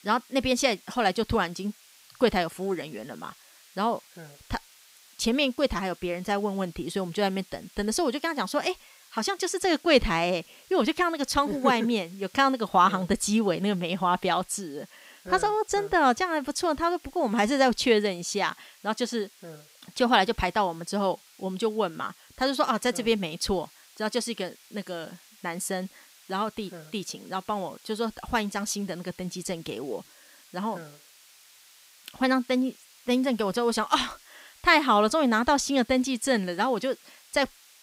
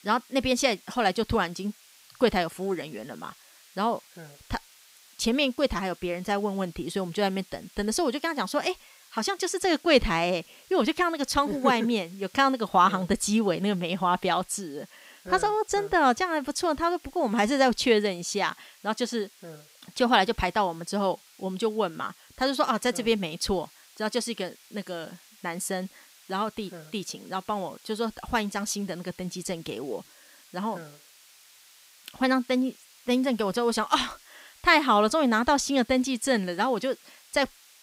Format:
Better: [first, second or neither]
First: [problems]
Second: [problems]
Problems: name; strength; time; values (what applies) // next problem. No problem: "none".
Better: neither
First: hiss; faint; throughout; 25 dB below the speech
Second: hiss; faint; throughout; 25 dB below the speech